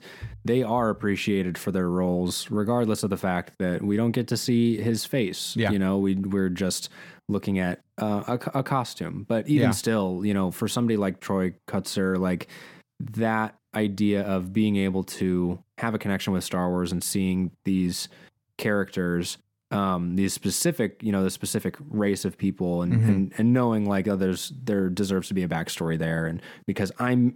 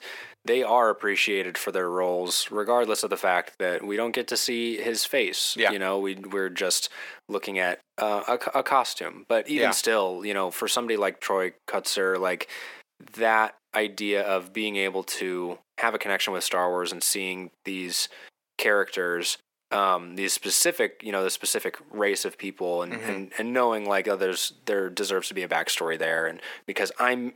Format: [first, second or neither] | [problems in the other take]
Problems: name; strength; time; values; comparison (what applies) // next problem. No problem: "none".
first | thin; very; fading below 450 Hz